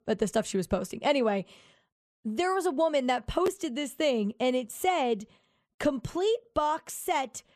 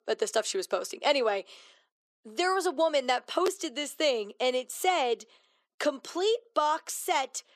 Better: first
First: none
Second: thin; somewhat; fading below 300 Hz

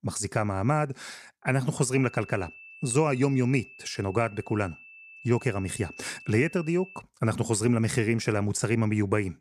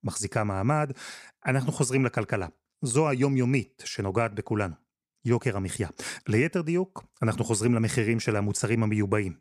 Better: second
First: high-pitched whine; noticeable; from 2 to 7 s; 2.5 kHz, 20 dB below the speech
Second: none

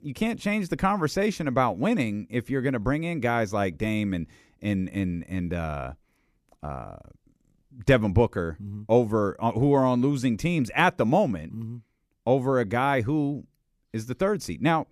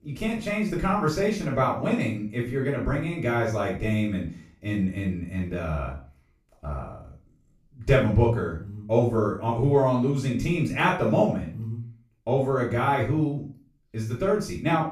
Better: first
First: none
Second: off-mic speech; far // room echo; slight; dies away in 0.4 s

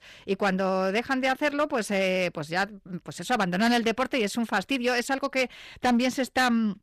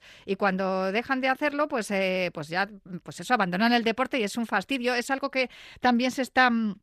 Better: second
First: distortion; slight; 6% of the sound clipped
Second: none

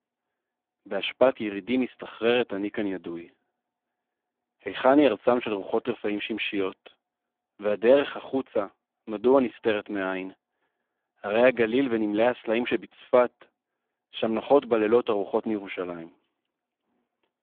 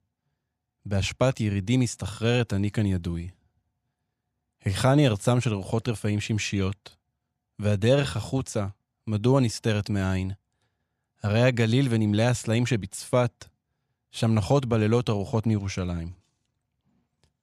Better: second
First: phone-call audio; poor line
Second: none

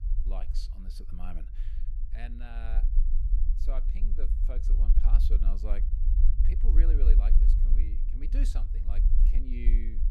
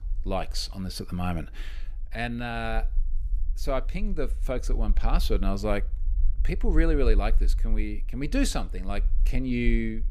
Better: second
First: low rumble; loud; throughout; 4 dB below the speech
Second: low rumble; faint; throughout; 25 dB below the speech

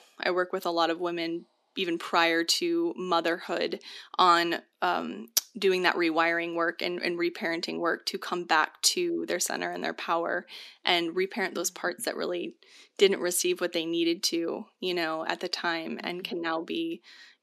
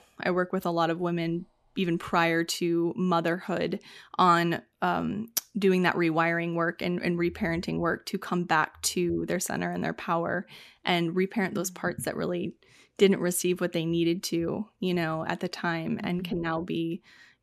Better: second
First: thin; somewhat; fading below 250 Hz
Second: none

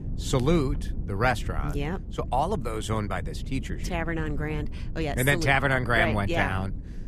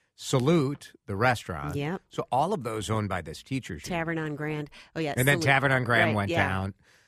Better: second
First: low rumble; faint; throughout; 20 dB below the speech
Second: none

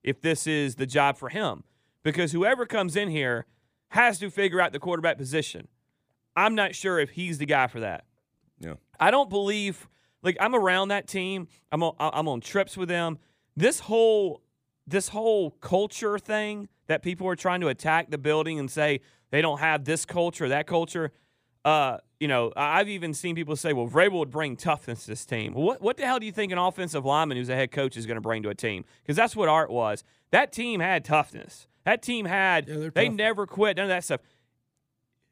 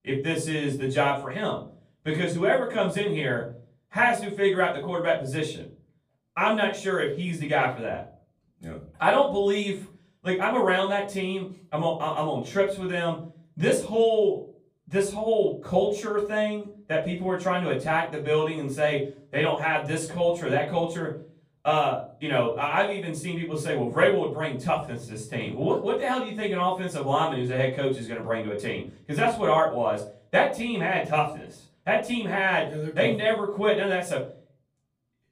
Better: first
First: none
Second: off-mic speech; far // room echo; slight; dies away in 0.4 s

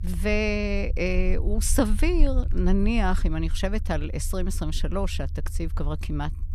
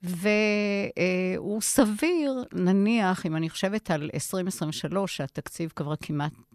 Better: second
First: low rumble; faint; throughout; 20 dB below the speech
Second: none

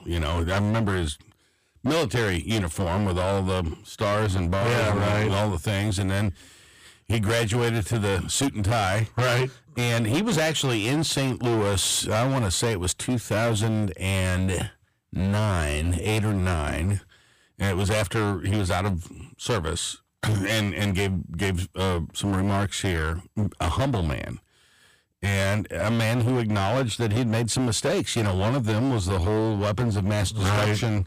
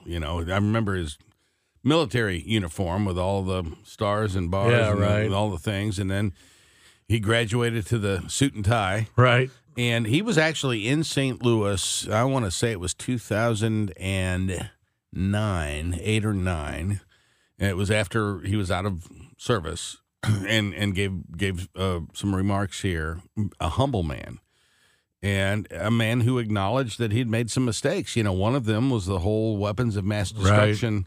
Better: second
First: distortion; heavy; 22% of the sound clipped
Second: none

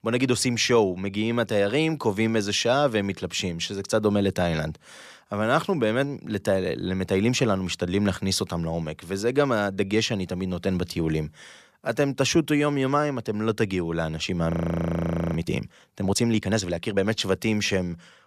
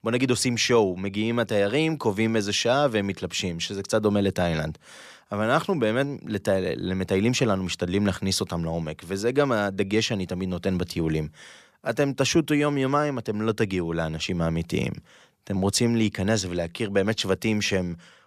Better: second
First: audio freezing; at 15 s for 1 s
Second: none

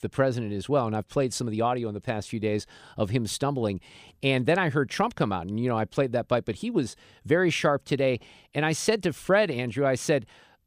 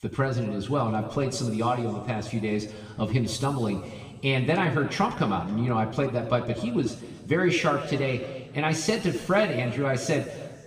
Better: first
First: none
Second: room echo; noticeable; dies away in 1.9 s // off-mic speech; somewhat distant

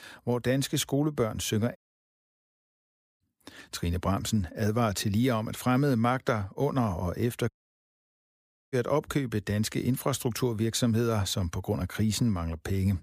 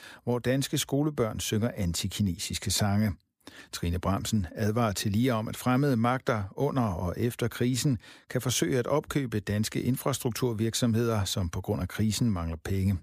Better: second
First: audio cutting out; at 2 s for 1.5 s and at 7.5 s for 1 s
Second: none

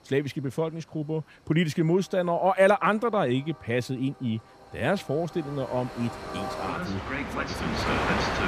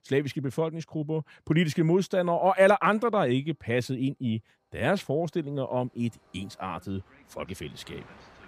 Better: second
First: train or aircraft noise; loud; throughout; 4 dB below the speech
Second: train or aircraft noise; faint; throughout; 30 dB below the speech

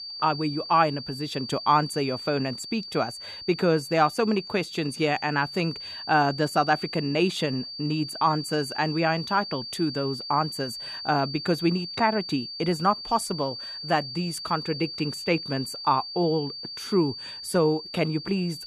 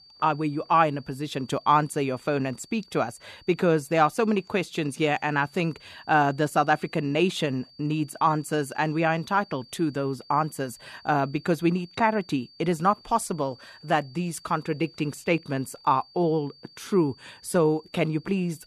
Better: second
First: high-pitched whine; loud; throughout; 4.5 kHz, 9 dB below the speech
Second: high-pitched whine; faint; throughout; 4.5 kHz, 25 dB below the speech

